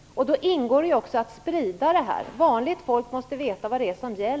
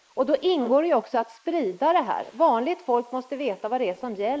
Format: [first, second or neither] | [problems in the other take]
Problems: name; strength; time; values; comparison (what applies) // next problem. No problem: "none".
first | noise reduction (neural mask model Resemble Enhance denoiser)